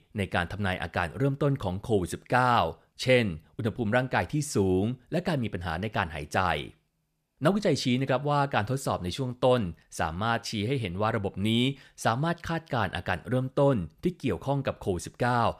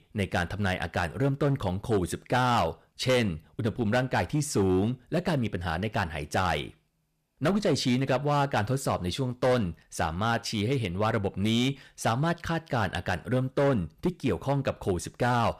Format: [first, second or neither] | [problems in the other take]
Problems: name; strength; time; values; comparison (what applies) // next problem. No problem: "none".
first | distortion; slight; 6% of the sound clipped